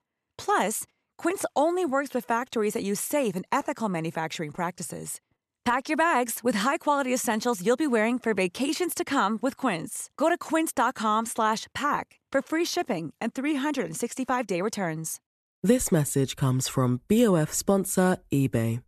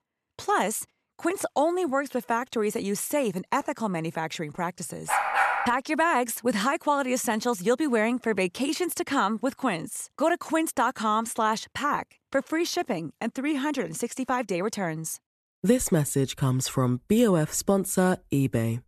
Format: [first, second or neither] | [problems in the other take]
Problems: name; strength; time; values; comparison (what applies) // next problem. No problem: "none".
first | dog barking; loud; at 5 s; peak 3 dB above the speech